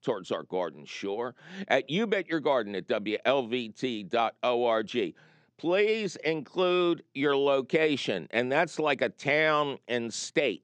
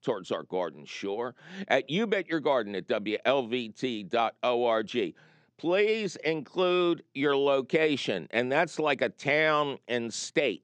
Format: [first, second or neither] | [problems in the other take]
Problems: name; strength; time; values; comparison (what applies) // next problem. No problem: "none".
neither | none